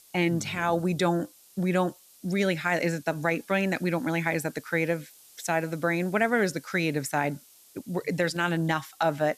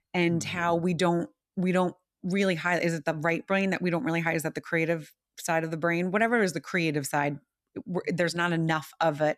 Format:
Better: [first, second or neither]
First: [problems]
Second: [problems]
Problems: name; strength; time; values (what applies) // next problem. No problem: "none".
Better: second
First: hiss; faint; throughout; 25 dB below the speech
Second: none